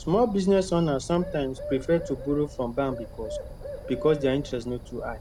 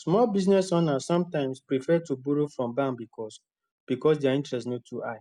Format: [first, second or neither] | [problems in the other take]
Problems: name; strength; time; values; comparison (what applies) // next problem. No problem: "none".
second | background sound (Bird); 12 dB below the speech